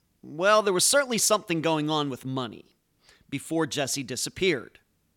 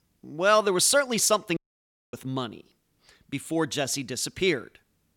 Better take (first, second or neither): first